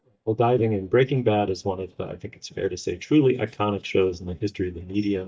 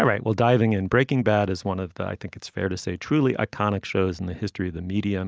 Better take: second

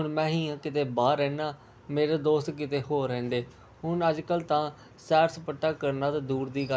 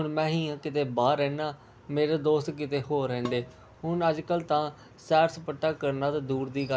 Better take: first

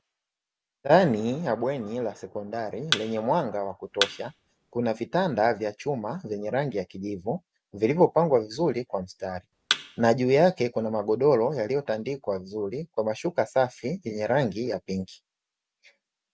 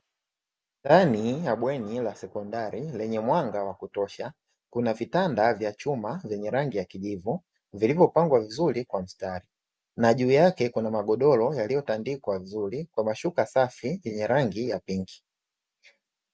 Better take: second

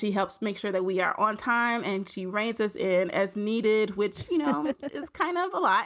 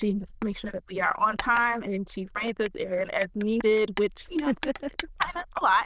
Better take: first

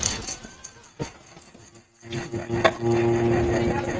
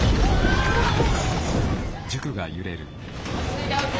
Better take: second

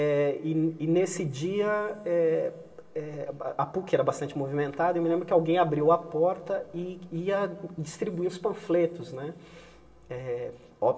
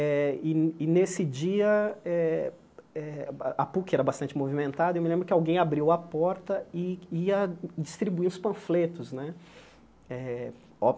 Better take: second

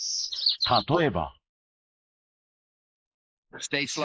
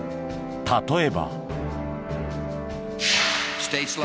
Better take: second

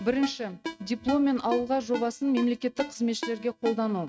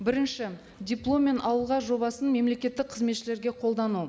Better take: second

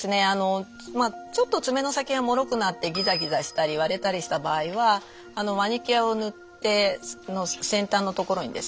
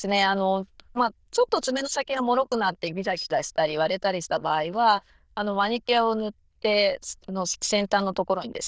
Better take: first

